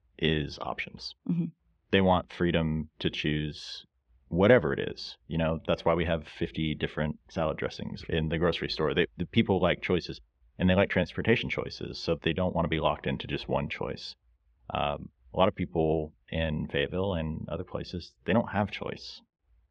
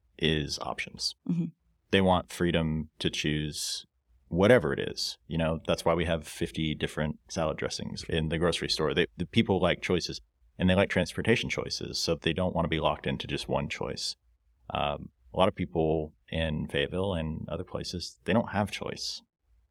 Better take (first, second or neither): second